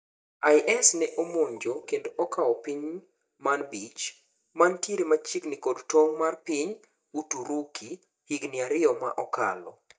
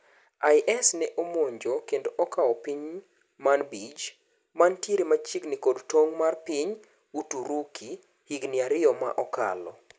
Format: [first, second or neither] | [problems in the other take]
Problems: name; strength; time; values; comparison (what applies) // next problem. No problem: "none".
second | noise reduction (neural mask model DeepFilterNet 3)